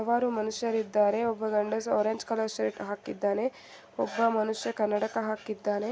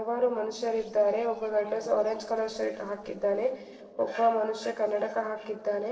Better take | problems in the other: first | noise reduction (neural separator model SepFormer DNS4)

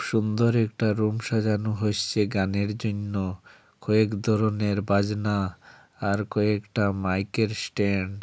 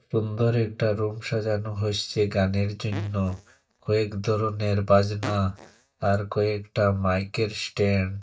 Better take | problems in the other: first | noise reduction (neural mask model DeepFilterNet 3)

